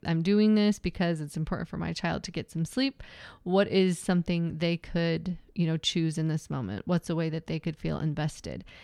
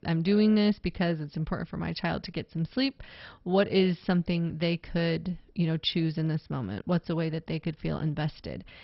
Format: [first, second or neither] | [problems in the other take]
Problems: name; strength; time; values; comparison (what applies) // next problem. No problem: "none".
first | garbled, watery; badly; nothing above 5.5 kHz